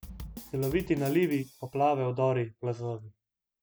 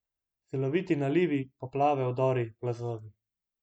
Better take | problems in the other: second | background sound (Bass drum / Snare drum); 15 dB below the speech

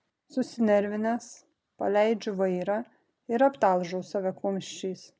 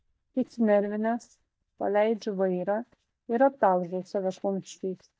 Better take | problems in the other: first | noise reduction (neural mask model DeepFilterNet 3)

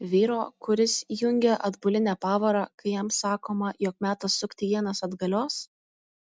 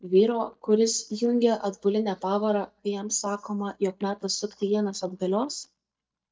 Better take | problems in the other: first | noise reduction (neural mask model DeepFilterNet 3)

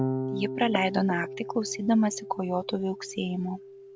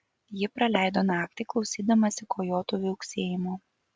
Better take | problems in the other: second | background sound (Electric guitar / Bass guitar); 7 dB below the speech

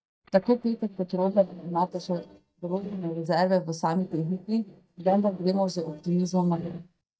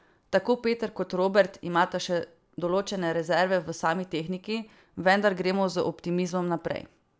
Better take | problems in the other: second | noise reduction (neural mask model DeepFilterNet 3)

